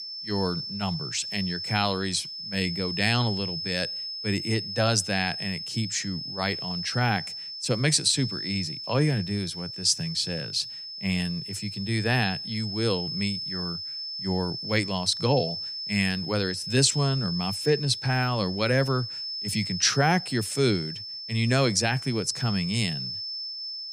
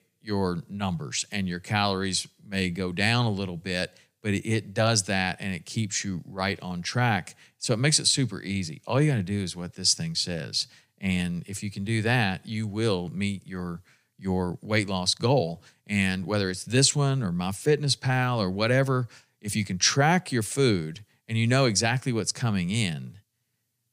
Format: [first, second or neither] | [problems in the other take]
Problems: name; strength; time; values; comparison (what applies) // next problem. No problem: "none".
second | high-pitched whine; loud; throughout; 5.5 kHz, 6 dB below the speech